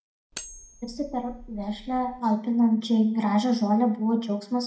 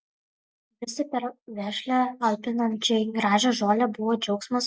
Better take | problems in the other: second | background sound (Cutlery, silverware); 19 dB below the speech // room echo; dies away in 0.4 s

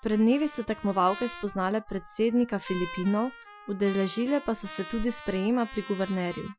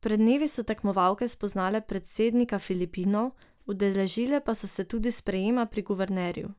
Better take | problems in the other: second | noise reduction (classical method Wiener filter)

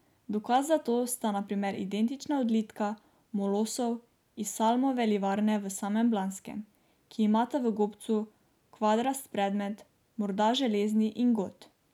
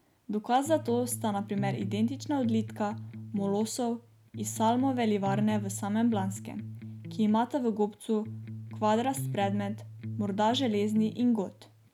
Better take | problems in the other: first | background sound (Electric guitar); 10 dB below the speech

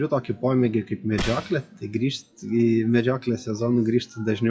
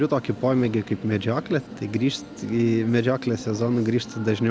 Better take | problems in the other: second | noise reduction (classical method WPE with log-MMSE)

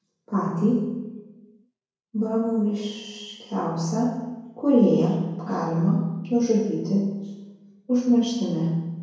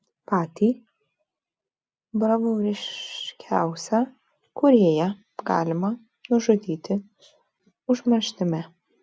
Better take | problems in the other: second | room echo; dies away in 1 s

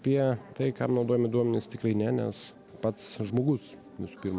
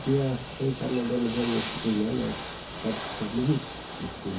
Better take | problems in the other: first | background sound (Ocean / Boat, Water vehicle); 9 dB below the speech // room echo; dies away in 0.3 s

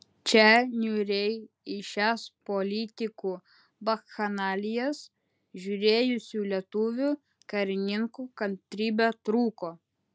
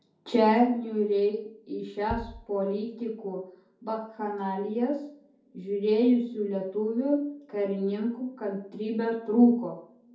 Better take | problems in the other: first | background sound (Bass drum); 18 dB below the speech // room echo; dies away in 0.6 s

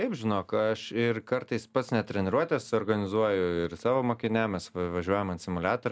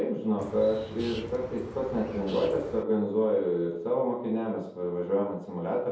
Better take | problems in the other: first | background sound (Bird); 14 dB below the speech // room echo; dies away in 0.7 s

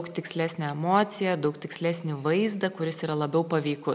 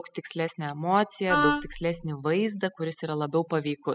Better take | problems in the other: first | noise reduction (classical method spectral subtraction)

